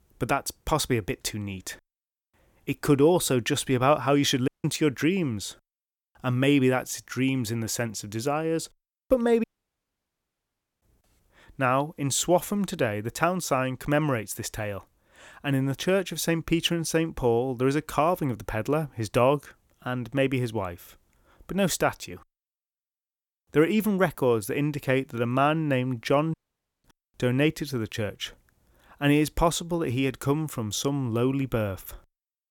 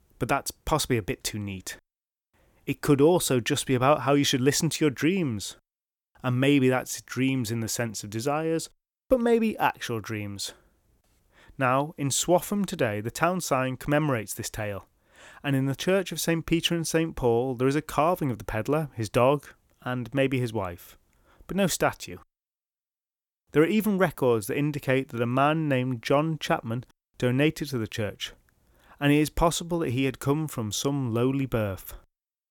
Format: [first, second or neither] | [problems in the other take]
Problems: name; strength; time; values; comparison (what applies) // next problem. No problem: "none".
second | audio cutting out; at 4.5 s, at 9.5 s for 1.5 s and at 26 s for 0.5 s